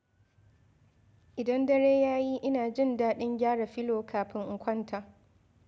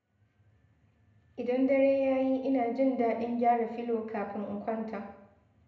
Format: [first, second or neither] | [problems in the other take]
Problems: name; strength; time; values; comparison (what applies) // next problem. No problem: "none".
first | room echo; dies away in 0.7 s